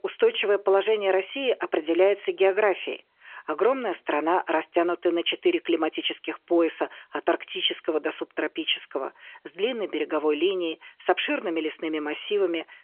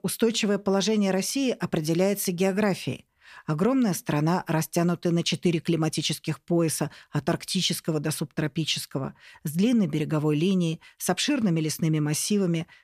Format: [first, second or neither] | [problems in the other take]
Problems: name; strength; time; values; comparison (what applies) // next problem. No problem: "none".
second | phone-call audio; nothing above 3.5 kHz